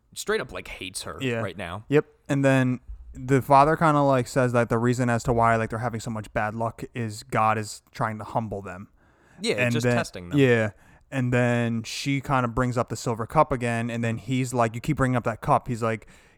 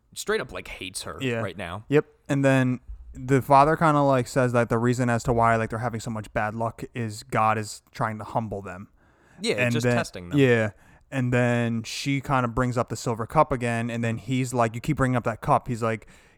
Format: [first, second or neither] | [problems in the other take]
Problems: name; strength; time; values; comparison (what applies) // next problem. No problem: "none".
neither | none